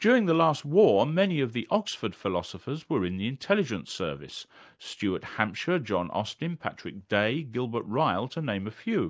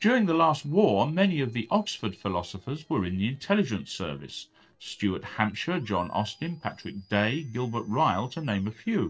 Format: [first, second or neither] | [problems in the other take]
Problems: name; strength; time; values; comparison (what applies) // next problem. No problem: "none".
first | noise reduction (neural separator model SepFormer DNS4)